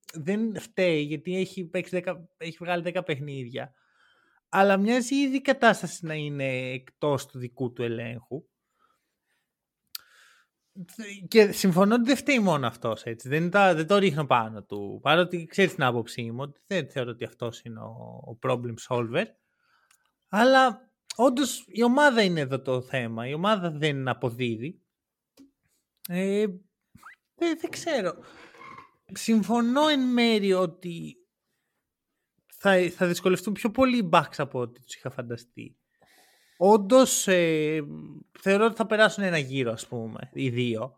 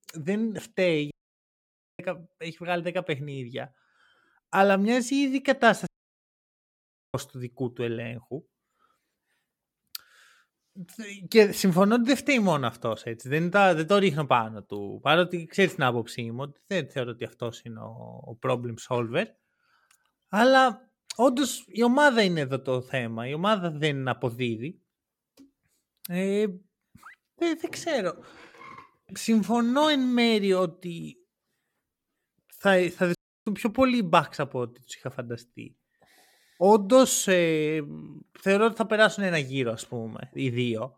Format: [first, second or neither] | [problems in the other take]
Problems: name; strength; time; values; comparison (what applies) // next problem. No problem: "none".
first | audio cutting out; at 1 s for 1 s, at 6 s for 1.5 s and at 33 s